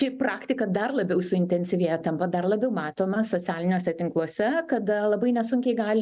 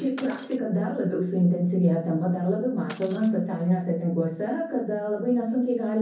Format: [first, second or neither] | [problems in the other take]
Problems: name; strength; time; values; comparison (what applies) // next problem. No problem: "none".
first | background sound (Shatter); 19 dB below the speech // room echo; dies away in 0.6 s